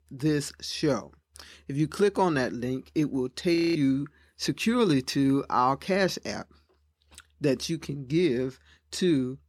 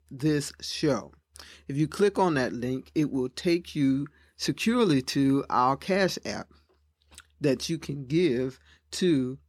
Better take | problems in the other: second | audio freezing; at 3.5 s

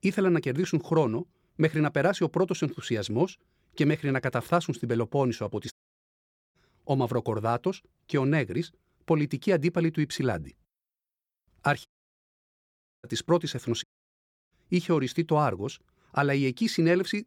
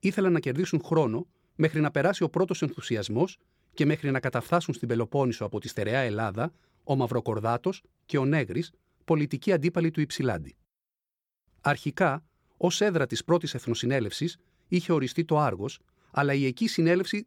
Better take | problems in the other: second | audio cutting out; at 5.5 s for 1 s, at 12 s for 1 s and at 14 s for 0.5 s

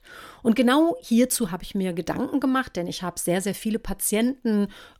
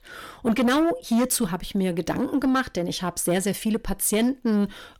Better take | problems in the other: first | distortion; slight; 10 dB below the speech

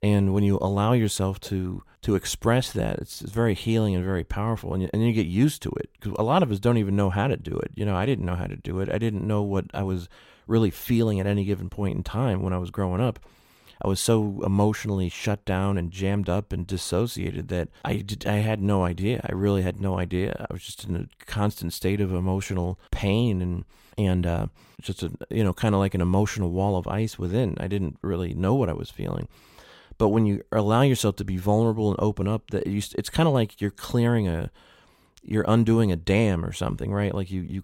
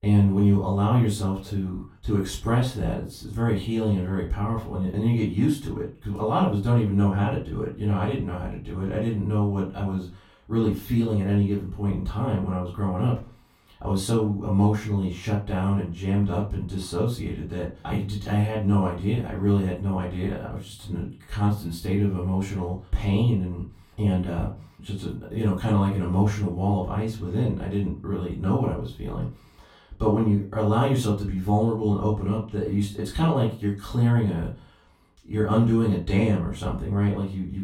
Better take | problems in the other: first | off-mic speech; far // room echo; slight; dies away in 0.3 s

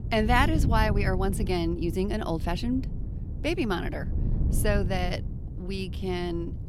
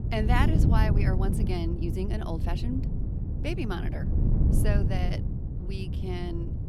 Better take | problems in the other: first | wind noise on the microphone; heavy; 5 dB below the speech; occasional gusts in the first

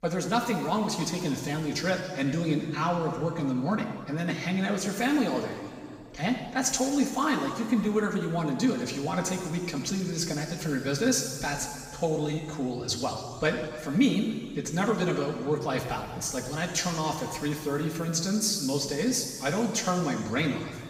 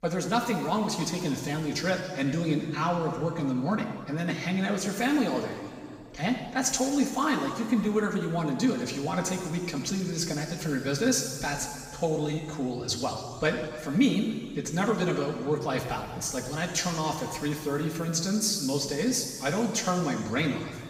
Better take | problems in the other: neither | room echo; noticeable; dies away in 2.1 s; the same in both // off-mic speech; far; the same in both

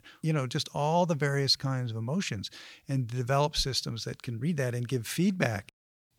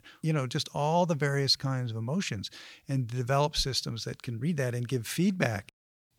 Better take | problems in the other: neither | none

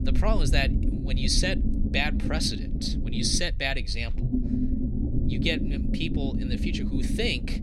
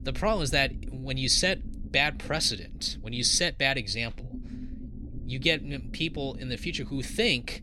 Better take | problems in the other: second | low rumble; loud; throughout; 8 dB below the speech; faint in the second

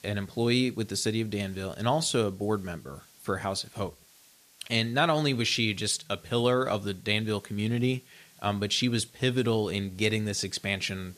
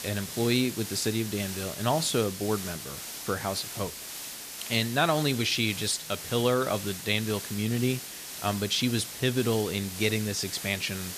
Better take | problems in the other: first | hiss; loud; throughout; 8 dB below the speech; faint in the first

